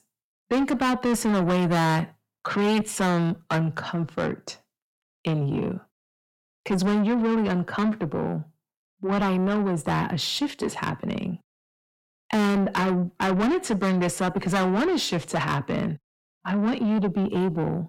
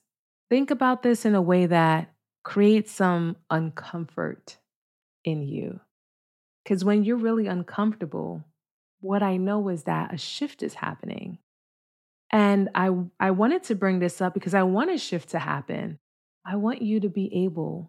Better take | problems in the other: second | distortion; heavy; 6 dB below the speech

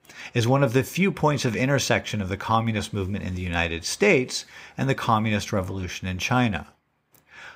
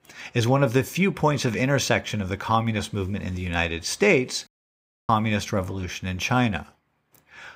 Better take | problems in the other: first | audio cutting out; at 4.5 s for 0.5 s

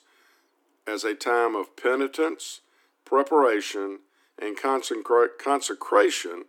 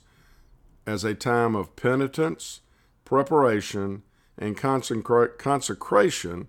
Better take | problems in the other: second | thin; somewhat; fading below 300 Hz

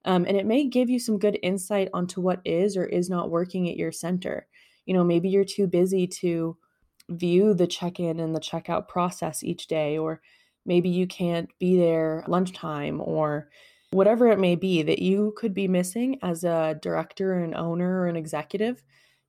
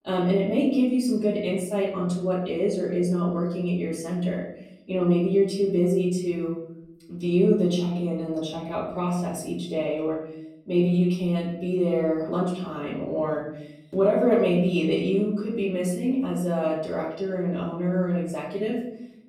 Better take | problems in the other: first | off-mic speech; far // room echo; noticeable; dies away in 0.7 s

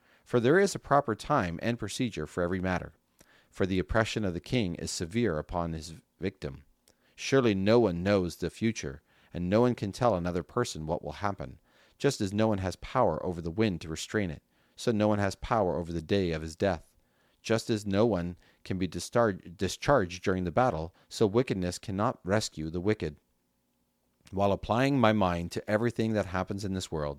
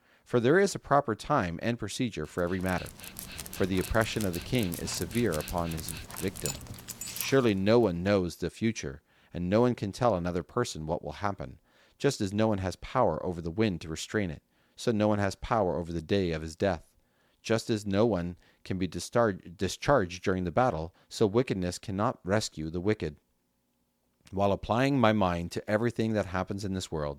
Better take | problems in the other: first | dog barking; noticeable; from 2.5 to 7.5 s; peak 6 dB below the speech

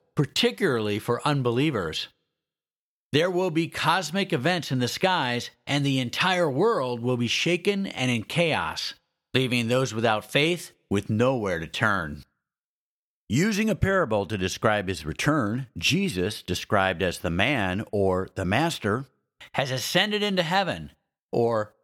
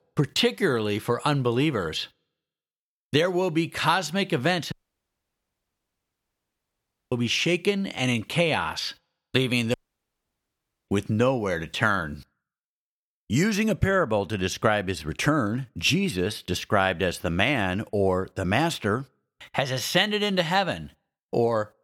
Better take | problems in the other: first | audio cutting out; at 4.5 s for 2.5 s and at 9.5 s for 1 s

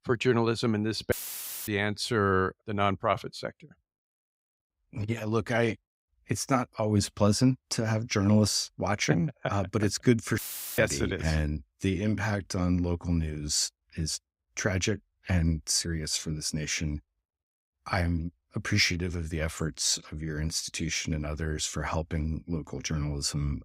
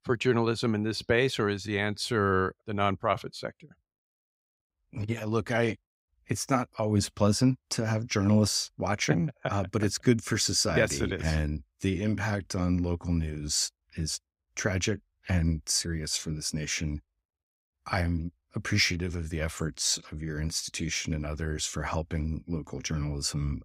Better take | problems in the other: second | audio cutting out; filled with static; at 1 s for 0.5 s and at 10 s

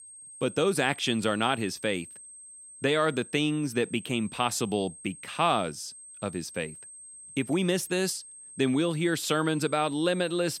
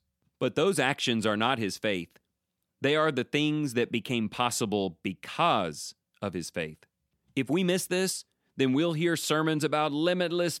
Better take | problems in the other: second | high-pitched whine; noticeable; throughout; 8.5 kHz, 15 dB below the speech

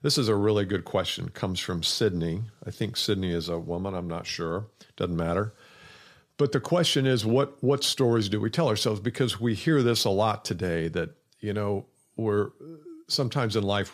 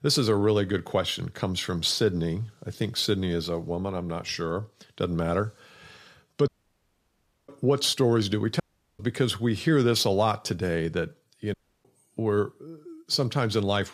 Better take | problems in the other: first | audio cutting out; at 6.5 s for 1 s, at 8.5 s and at 12 s

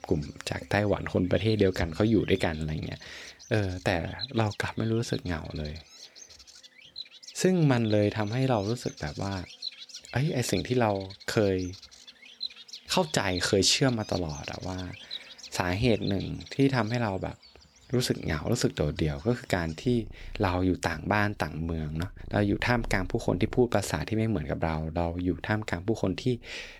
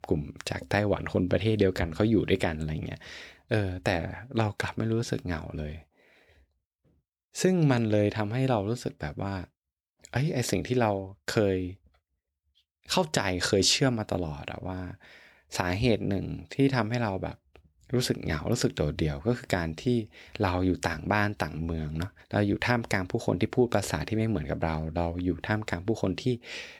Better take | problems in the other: second | animal sounds; noticeable; throughout; 15 dB below the speech

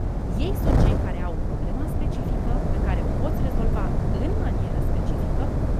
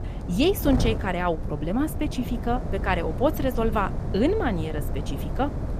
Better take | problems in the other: second | wind noise on the microphone; heavy; 5 dB above the speech; occasional gusts in the second

